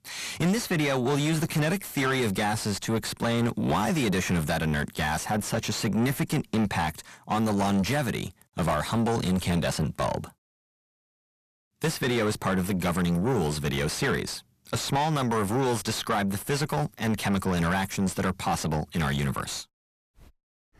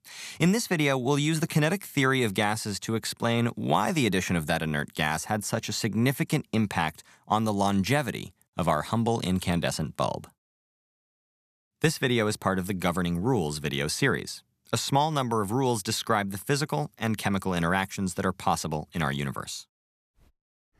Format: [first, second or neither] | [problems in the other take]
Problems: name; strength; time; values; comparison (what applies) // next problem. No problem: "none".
second | distortion; heavy; 6 dB below the speech